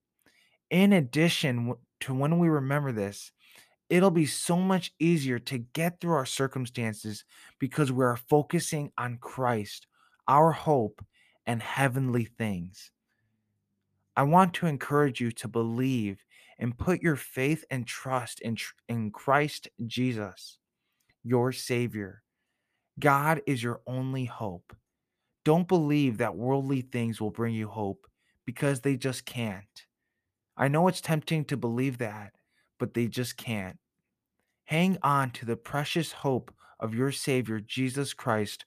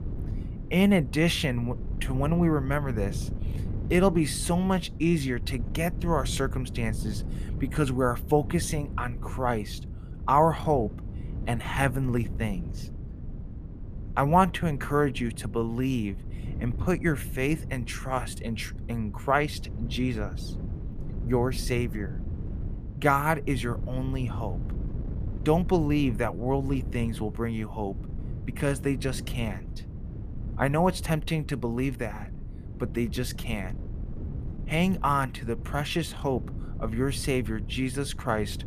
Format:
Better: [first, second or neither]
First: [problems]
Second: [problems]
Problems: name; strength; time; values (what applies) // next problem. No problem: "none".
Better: first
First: none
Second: wind noise on the microphone; occasional gusts; 20 dB below the speech